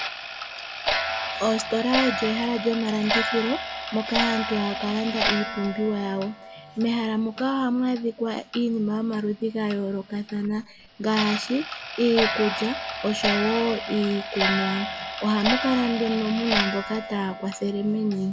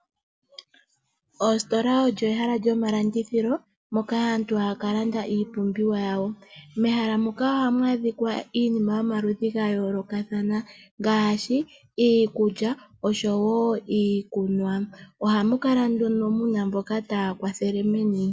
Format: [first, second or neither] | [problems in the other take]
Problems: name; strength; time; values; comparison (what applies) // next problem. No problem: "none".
second | background sound (Clock); 4 dB below the speech